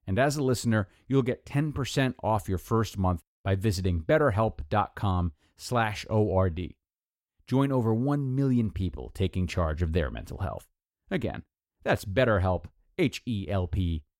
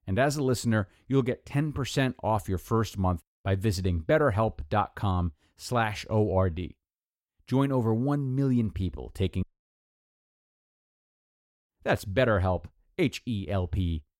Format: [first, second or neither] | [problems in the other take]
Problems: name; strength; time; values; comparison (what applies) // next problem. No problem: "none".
first | audio cutting out; at 9.5 s for 2.5 s